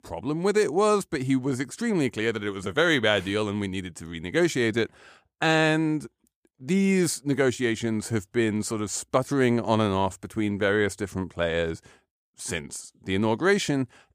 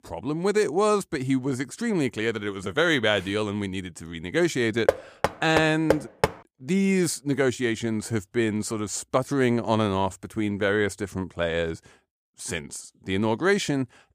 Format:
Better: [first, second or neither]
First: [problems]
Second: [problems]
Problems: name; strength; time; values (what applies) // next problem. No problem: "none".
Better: first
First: none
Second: door banging; noticeable; from 5 to 6.5 s; peak 1 dB below the speech